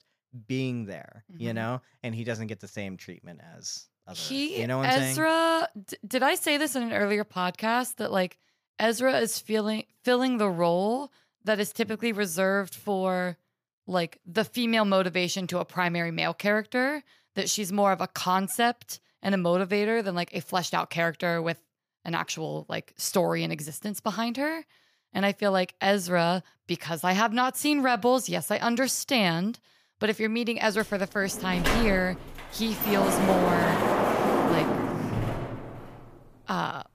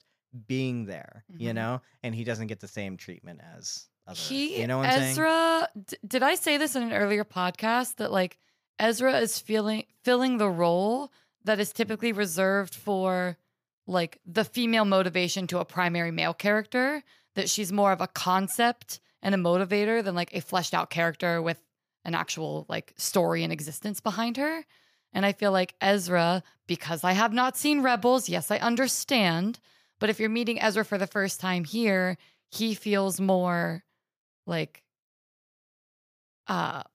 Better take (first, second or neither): second